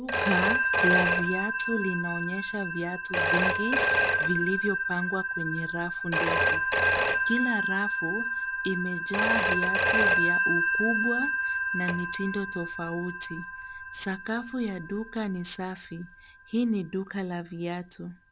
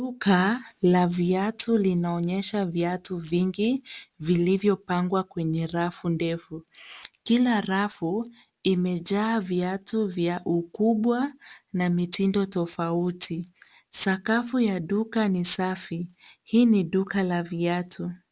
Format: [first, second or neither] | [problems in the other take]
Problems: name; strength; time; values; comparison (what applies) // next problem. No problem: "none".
second | background sound (Telephone); 4 dB above the speech